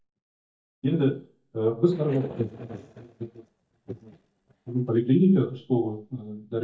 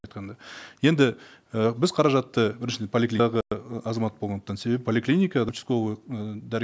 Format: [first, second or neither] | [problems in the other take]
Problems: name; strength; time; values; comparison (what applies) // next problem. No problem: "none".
second | noise reduction (neural mask model DeepFilterNet 3)